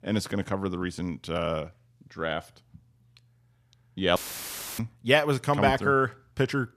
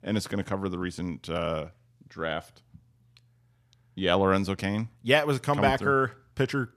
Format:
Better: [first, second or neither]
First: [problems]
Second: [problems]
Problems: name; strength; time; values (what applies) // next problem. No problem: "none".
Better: second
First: audio cutting out; filled with static; at 4 s for 0.5 s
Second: none